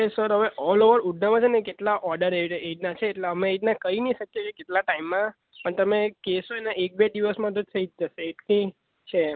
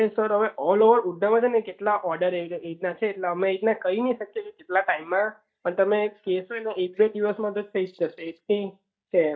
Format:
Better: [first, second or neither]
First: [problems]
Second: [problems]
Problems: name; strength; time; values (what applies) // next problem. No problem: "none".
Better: first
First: none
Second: noise reduction (neural mask model DeepFilterNet 3)